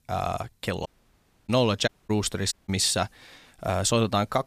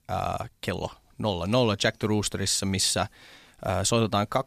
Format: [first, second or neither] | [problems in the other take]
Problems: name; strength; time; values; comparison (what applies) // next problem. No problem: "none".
second | audio cutting out; at 1 s for 0.5 s, at 2 s and at 2.5 s